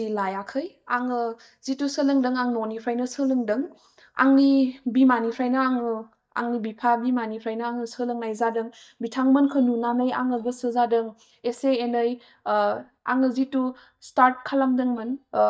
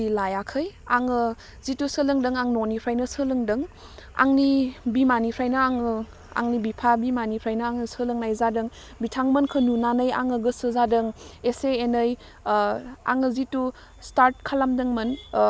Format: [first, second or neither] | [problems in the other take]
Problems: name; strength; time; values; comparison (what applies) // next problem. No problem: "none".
second | noise reduction (neural mask model DeepFilterNet 3)